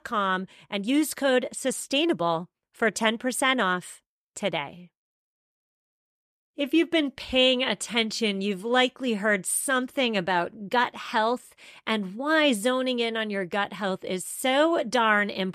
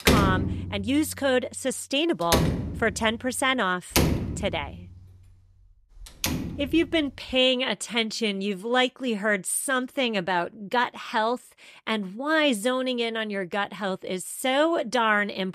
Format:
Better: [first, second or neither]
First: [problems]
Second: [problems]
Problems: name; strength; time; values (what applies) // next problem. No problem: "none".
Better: first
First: none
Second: door banging; loud; until 6.5 s; peak 5 dB above the speech